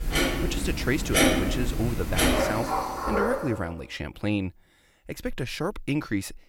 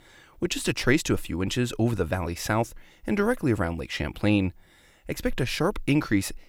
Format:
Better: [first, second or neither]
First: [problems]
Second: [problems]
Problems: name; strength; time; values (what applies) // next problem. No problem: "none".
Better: second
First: household noises; very loud; until 3 s; 4 dB above the speech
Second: none